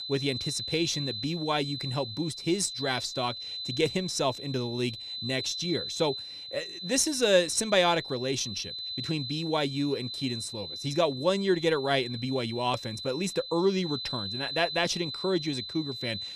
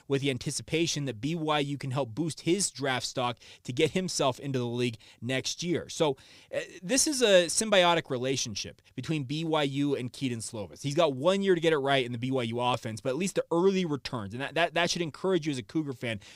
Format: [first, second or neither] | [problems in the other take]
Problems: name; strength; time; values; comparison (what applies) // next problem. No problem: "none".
second | high-pitched whine; loud; throughout; 4 kHz, 6 dB below the speech